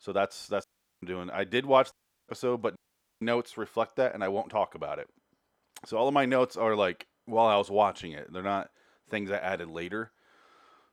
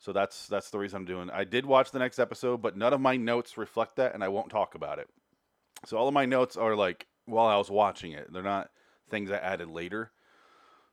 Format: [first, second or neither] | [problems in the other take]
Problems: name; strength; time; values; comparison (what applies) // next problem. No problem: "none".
second | audio cutting out; at 0.5 s, at 2 s and at 3 s